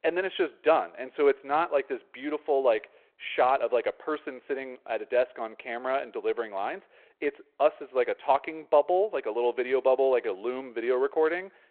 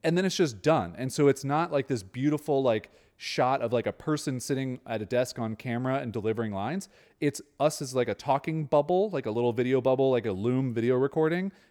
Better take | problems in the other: second | phone-call audio

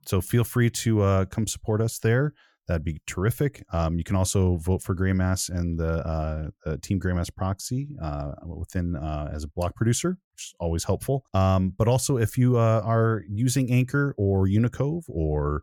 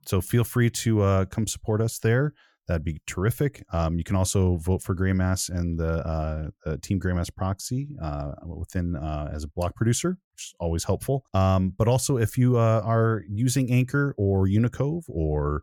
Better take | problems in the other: neither | none

